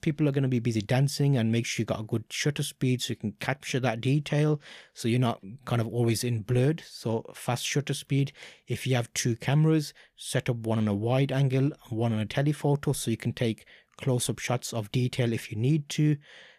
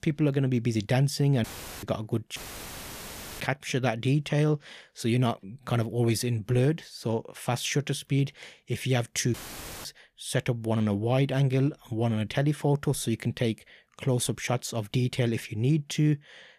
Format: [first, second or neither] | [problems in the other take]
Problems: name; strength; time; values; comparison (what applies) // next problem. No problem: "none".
first | audio cutting out; filled with static; at 1.5 s, at 2.5 s for 1 s and at 9.5 s for 0.5 s